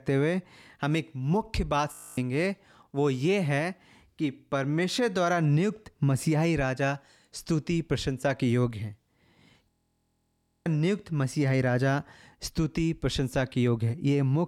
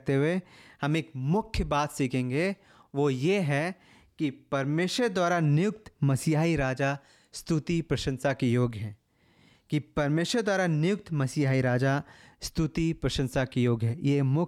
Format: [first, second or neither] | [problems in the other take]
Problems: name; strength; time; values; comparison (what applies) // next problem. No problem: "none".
second | audio freezing; at 2 s and at 9.5 s for 1 s